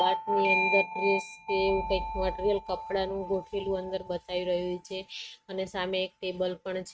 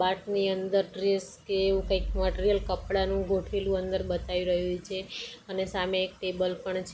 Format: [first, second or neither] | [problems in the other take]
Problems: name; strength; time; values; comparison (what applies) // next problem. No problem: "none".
second | noise reduction (neural mask model RNNoise)